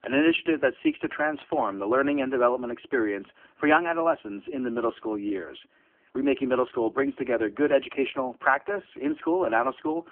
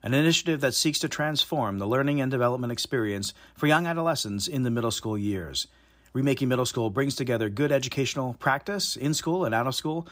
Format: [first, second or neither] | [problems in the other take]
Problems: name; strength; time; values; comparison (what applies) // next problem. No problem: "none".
second | phone-call audio; poor line; nothing above 3 kHz